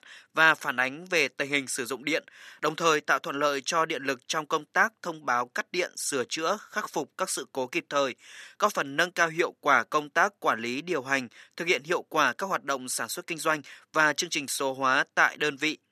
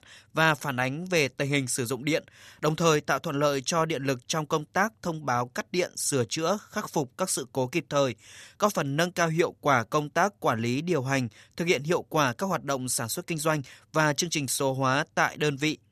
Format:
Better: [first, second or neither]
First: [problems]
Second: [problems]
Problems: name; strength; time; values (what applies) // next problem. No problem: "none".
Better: second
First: thin; somewhat; fading below 300 Hz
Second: none